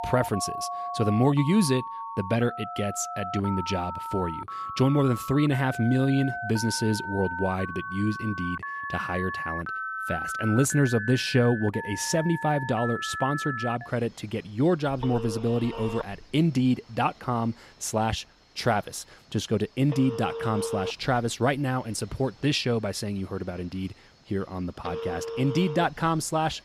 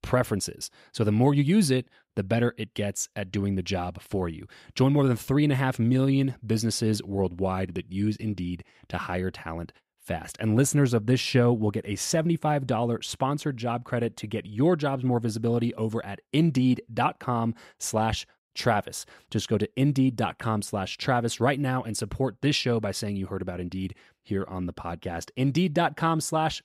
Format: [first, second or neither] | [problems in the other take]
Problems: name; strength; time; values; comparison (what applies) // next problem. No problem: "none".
second | alarms or sirens; loud; throughout; 7 dB below the speech